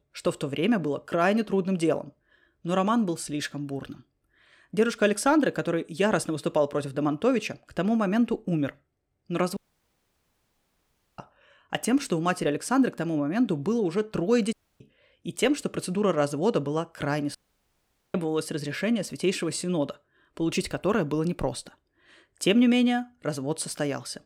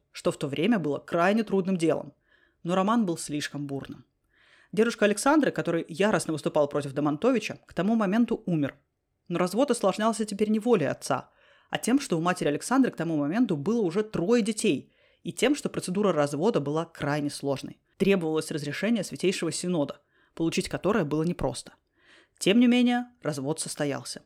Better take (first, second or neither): second